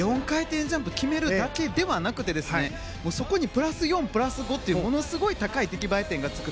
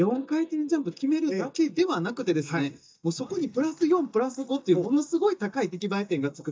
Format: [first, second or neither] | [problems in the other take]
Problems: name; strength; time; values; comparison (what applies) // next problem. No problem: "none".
first | noise reduction (neural mask model DeepFilterNet 3)